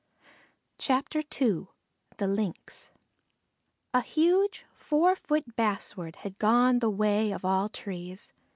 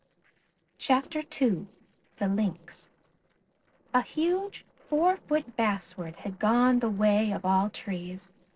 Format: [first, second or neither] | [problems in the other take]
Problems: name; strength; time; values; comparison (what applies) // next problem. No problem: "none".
first | noise reduction (neural separator model SepFormer DNS4)